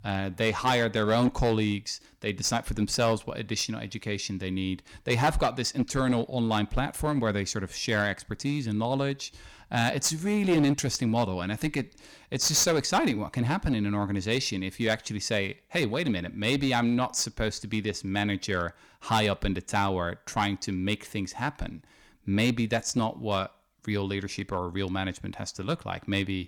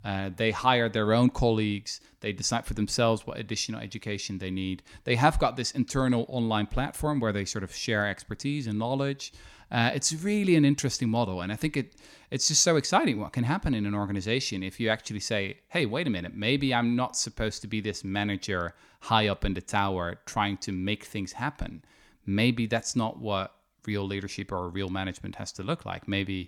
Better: second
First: distortion; slight; 6% of the sound clipped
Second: none

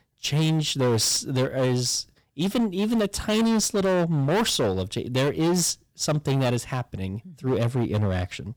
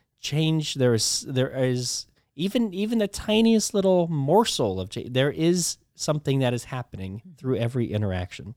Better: second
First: distortion; heavy; 17% of the sound clipped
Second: none

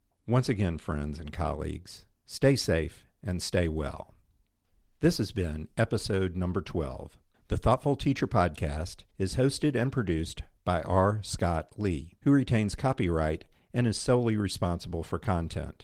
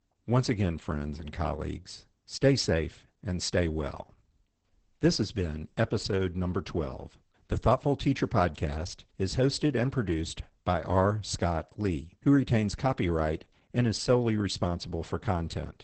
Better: first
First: garbled, watery; slightly; nothing above 17.5 kHz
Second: garbled, watery; badly; nothing above 8 kHz

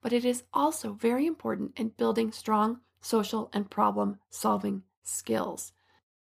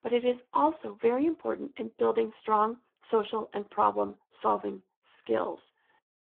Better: first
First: none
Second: phone-call audio; poor line

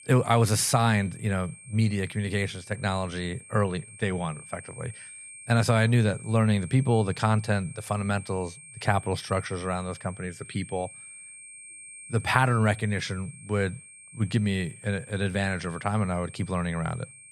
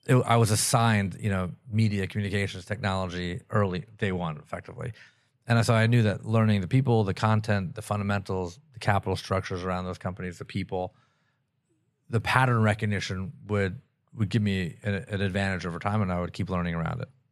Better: second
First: high-pitched whine; noticeable; throughout; 8.5 kHz, 15 dB below the speech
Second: none

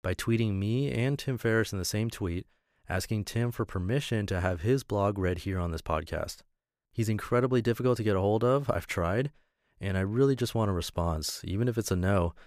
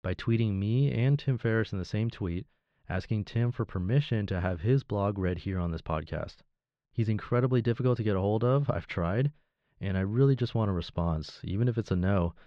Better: first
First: none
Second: muffled; slightly; fading above 4 kHz

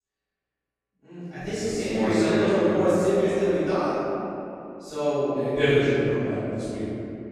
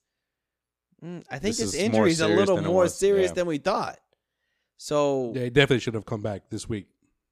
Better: second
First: room echo; strong; dies away in 2.9 s // off-mic speech; far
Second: none

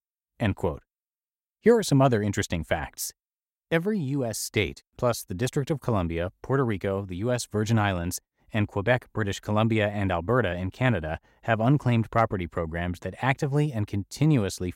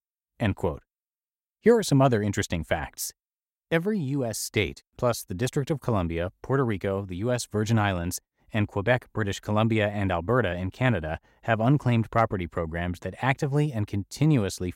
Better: neither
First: none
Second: none

